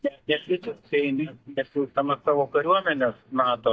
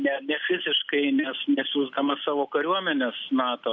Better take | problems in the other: second | noise reduction (neural mask model DeepFilterNet 3)

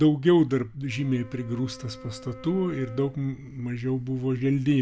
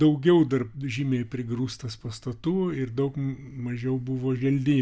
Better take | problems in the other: second | background sound (Wind instrument, woodwind instrument); 20 dB below the speech

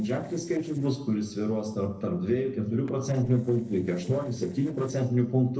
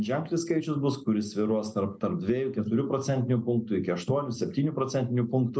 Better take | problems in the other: second | noise reduction (neural separator model SepFormer DNS4)

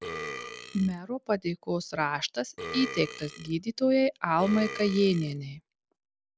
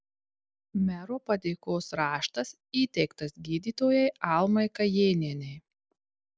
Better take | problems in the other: second | background sound (Burping, eructation); 12 dB below the speech

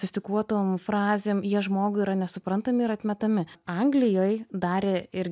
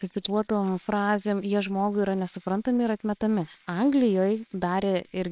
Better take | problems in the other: first | noise reduction (neural separator model SepFormer WHAMR!)

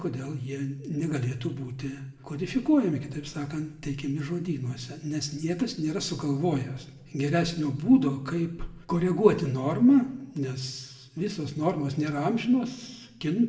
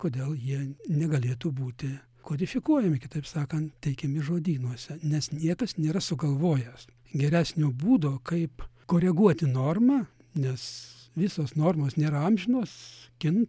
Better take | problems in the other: second | room echo; dies away in 0.6 s

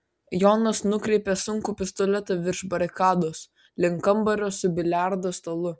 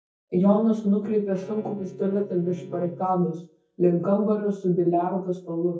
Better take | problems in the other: first | noise reduction (neural mask model DeepFilterNet 3)

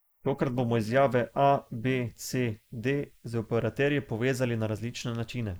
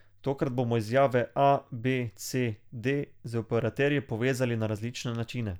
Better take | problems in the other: second | noise reduction (neural mask model Resemble Enhance denoiser)

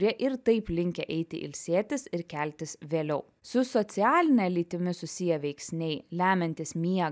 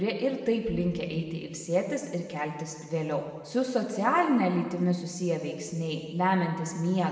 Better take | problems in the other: first | room echo; dies away in 1.5 s

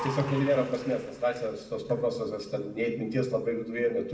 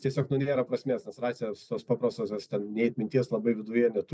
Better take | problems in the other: second | background sound (Applause / Crowd); 15 dB below the speech // room echo; dies away in 0.7 s

